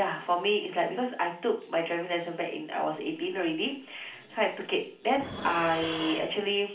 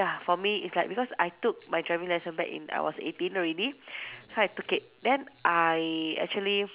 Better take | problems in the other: second | background sound (Dishes, pots, and pans); 12 dB below the speech // room echo; dies away in 0.4 s

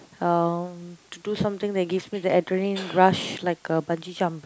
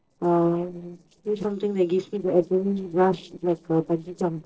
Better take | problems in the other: first | noise reduction (neural separator model SepFormer DNS4)

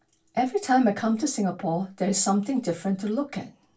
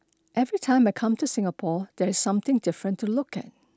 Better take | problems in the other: second | room echo; dies away in 0.2 s

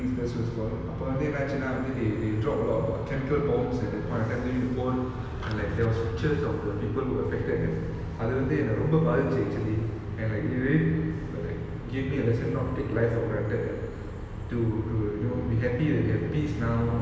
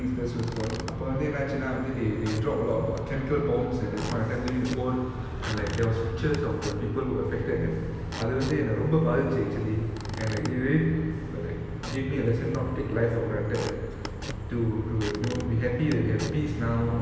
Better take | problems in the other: first | background sound (Squeak / Wood); 15 dB below the speech

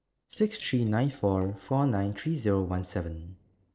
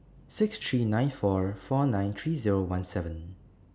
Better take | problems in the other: second | noise reduction (neural separator model SepFormer DNS4)

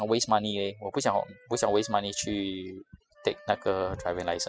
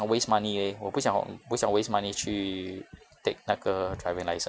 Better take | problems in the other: second | noise reduction (classical method spectral subtraction)

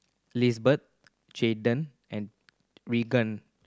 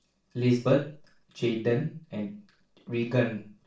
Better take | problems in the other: first | room echo; dies away in 0.4 s

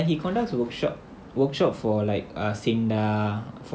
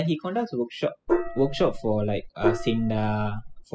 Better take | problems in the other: first | noise reduction (classical method spectral subtraction)

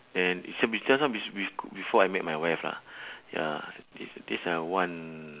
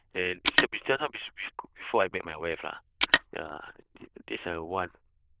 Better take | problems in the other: first | noise reduction (neural diffusion model UNIVERSE++)

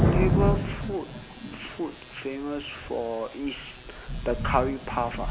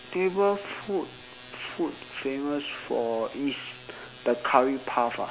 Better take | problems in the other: second | background sound (Thunder / Rain); 2 dB above the speech

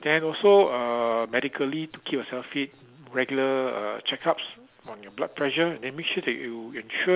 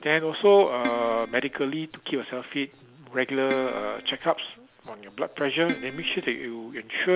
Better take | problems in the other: first | background sound (Keyboard (musical)); 9 dB below the speech

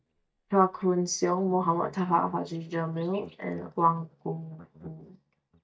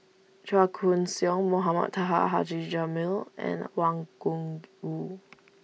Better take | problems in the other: second | noise reduction (neural mask model DeepFilterNet 3)

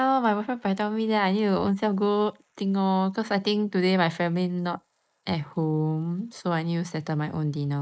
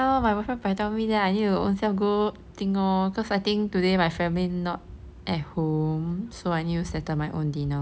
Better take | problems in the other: second | noise reduction (neural mask model Resemble Enhance denoiser)

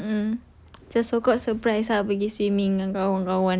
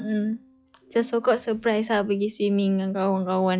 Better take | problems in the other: first | noise reduction (classical method log-MMSE)

